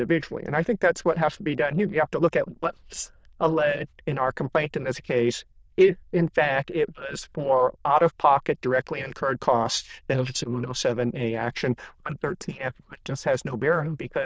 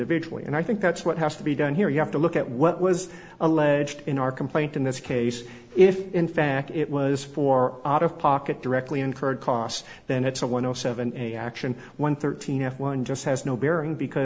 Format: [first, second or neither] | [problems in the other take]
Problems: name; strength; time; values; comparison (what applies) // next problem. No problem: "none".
second | noise reduction (neural diffusion model UNIVERSE++)